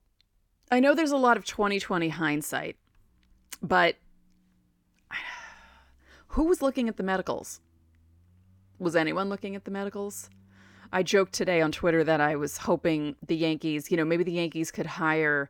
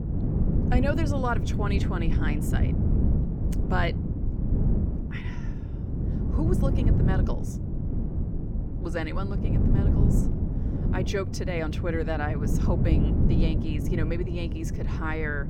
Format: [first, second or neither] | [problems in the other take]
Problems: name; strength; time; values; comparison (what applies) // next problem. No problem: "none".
first | wind noise on the microphone; heavy; 4 dB below the speech